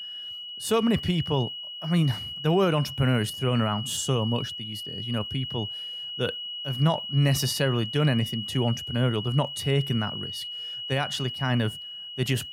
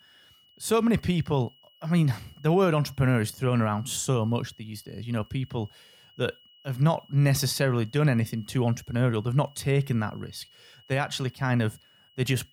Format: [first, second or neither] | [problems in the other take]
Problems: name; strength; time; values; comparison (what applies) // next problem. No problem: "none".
second | high-pitched whine; loud; throughout; 3 kHz, 7 dB below the speech; faint in the second